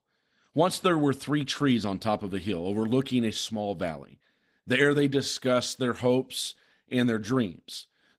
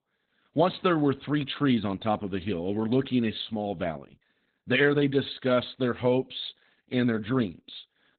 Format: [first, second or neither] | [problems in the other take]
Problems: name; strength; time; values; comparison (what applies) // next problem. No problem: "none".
first | garbled, watery; badly; nothing above 4 kHz; slightly in the first